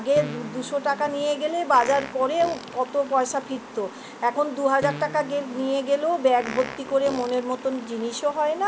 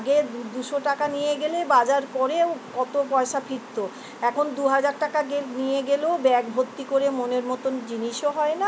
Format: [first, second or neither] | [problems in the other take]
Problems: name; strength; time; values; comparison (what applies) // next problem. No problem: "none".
second | background sound (Fart); 15 dB below the speech